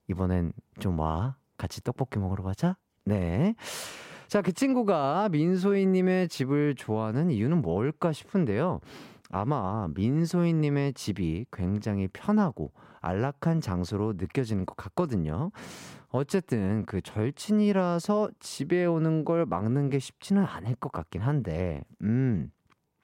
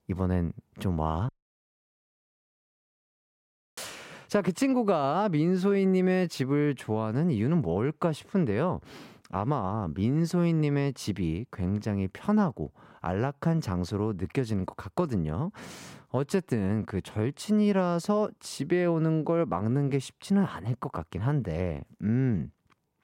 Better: first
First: none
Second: audio cutting out; at 1.5 s for 2.5 s

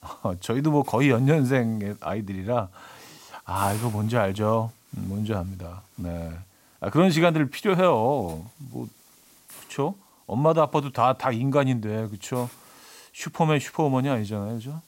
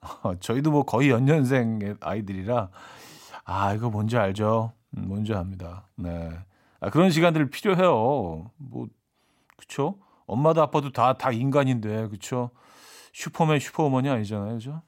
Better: second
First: hiss; faint; throughout; 25 dB below the speech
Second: none

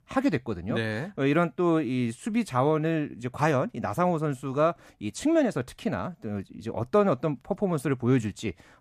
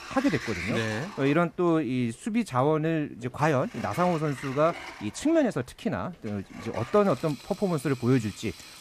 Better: first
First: none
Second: household noises; noticeable; throughout; 15 dB below the speech

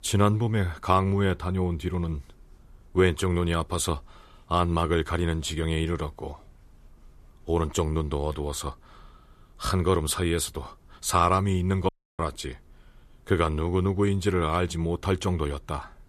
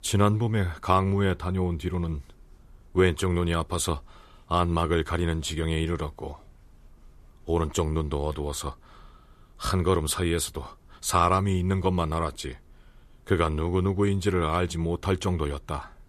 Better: second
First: audio cutting out; at 12 s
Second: none

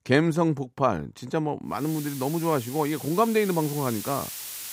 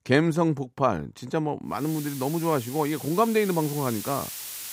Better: neither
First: hiss; noticeable; from 2 s on; 10 dB below the speech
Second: hiss; noticeable; from 2 s on; 10 dB below the speech

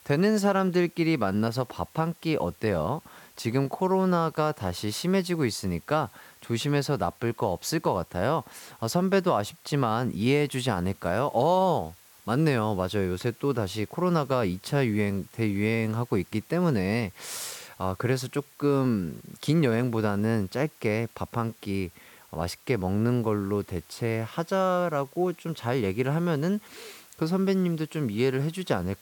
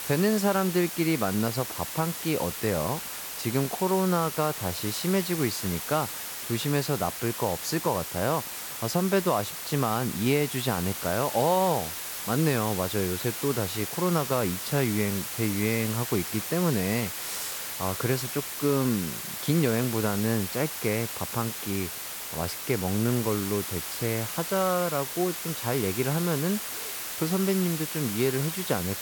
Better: first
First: hiss; faint; throughout; 25 dB below the speech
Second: hiss; loud; throughout; 4 dB below the speech

